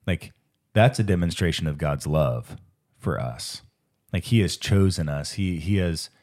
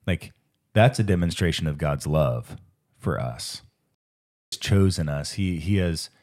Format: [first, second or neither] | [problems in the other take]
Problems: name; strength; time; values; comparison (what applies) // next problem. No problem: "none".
first | audio cutting out; at 4 s for 0.5 s